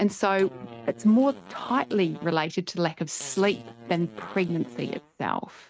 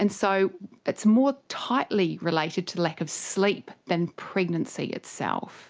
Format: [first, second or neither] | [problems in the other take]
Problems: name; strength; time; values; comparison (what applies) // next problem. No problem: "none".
second | noise reduction (neural mask model RNNoise)